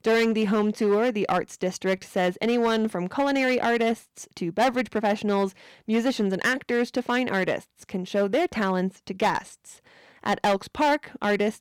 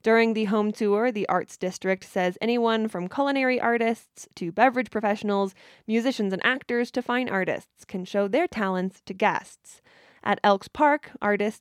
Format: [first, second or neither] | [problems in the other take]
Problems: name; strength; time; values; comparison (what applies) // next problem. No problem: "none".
second | distortion; slight; 7% of the sound clipped